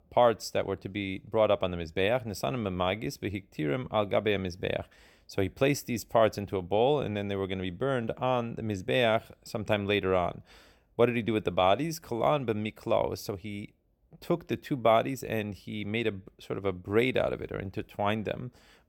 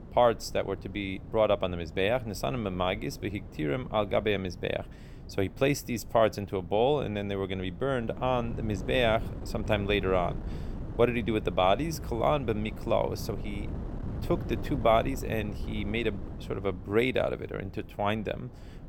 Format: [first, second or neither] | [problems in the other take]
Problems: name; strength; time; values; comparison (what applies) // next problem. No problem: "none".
first | wind noise on the microphone; occasional gusts; 20 dB below the speech